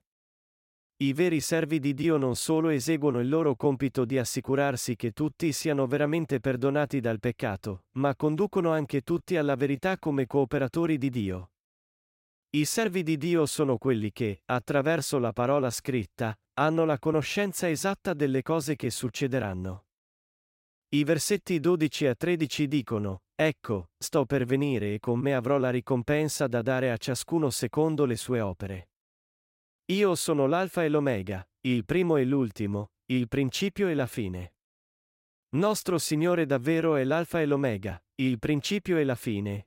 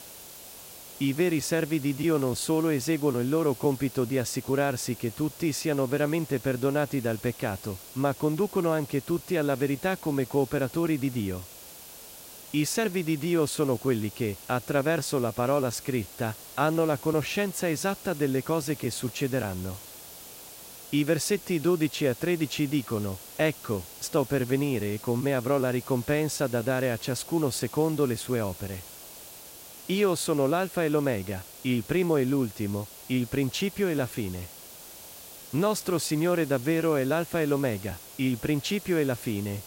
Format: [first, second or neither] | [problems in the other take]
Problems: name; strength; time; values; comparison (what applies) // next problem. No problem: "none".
first | hiss; noticeable; throughout; 15 dB below the speech